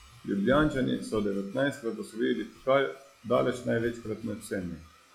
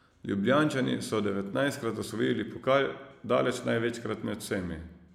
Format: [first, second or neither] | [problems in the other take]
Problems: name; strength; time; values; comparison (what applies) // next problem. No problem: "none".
second | noise reduction (classical method log-MMSE)